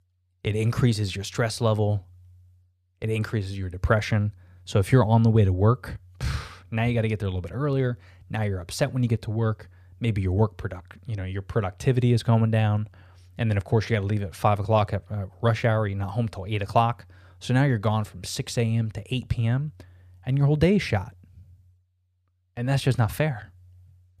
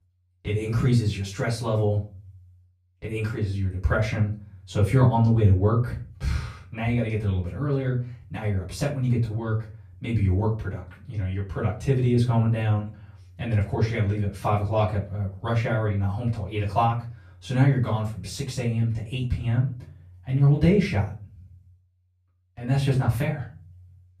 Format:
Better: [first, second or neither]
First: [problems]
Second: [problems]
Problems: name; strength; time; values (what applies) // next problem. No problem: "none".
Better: first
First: none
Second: off-mic speech; far // room echo; slight; dies away in 0.3 s